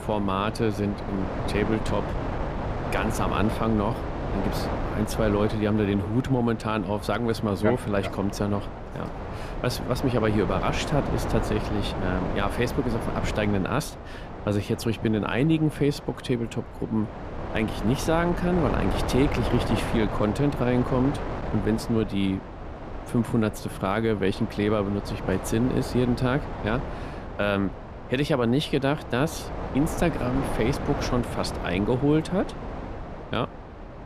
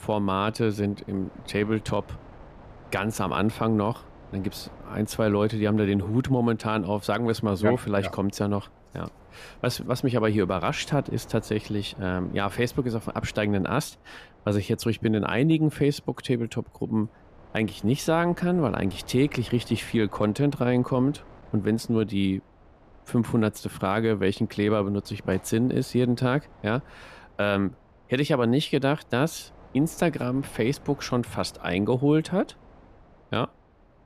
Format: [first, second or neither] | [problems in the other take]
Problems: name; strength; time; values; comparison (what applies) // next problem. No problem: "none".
second | wind noise on the microphone; heavy; 6 dB below the speech; occasional gusts in the second